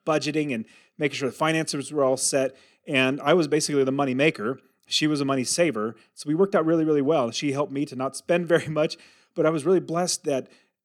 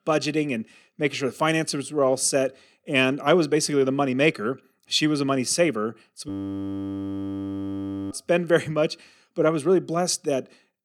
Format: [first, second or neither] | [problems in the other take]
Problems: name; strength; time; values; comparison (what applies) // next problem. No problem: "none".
first | audio freezing; at 6.5 s for 2 s